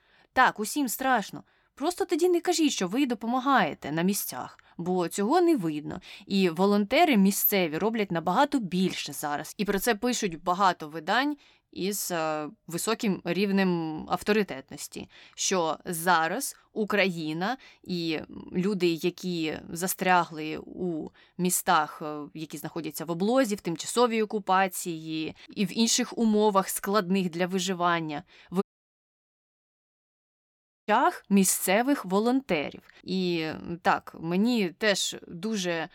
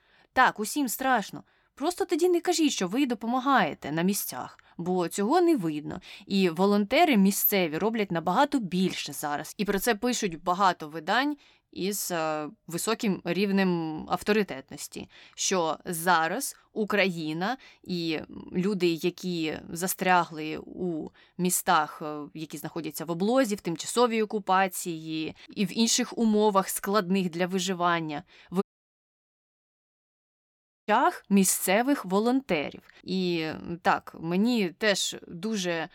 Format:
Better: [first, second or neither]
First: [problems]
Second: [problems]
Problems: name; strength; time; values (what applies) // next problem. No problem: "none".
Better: neither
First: audio cutting out; at 29 s for 2.5 s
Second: audio cutting out; at 29 s for 2.5 s